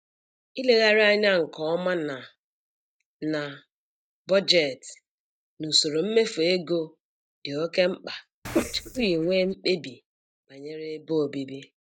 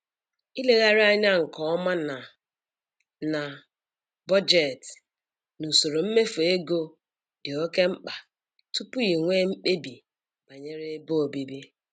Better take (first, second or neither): second